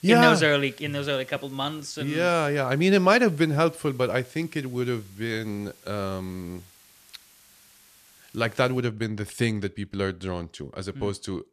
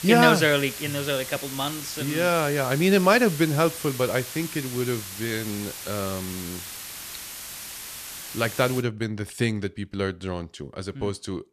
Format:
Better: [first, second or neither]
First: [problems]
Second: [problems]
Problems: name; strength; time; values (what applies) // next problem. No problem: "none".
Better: first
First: hiss; faint; until 9 s; 25 dB below the speech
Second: hiss; loud; until 9 s; 10 dB below the speech